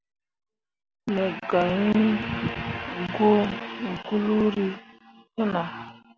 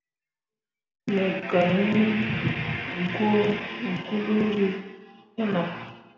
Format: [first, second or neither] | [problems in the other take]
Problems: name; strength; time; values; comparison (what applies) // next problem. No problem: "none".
first | room echo; dies away in 0.8 s